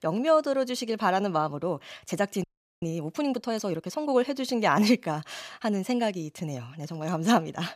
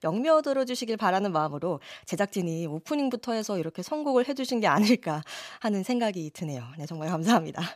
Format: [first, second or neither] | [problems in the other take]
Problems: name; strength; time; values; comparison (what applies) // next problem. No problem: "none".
second | audio freezing; at 2.5 s